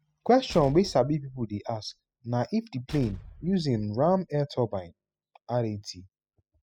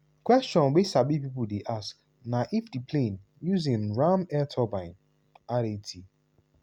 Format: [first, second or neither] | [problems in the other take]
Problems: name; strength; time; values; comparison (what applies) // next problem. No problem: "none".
second | noise reduction (classical method spectral subtraction)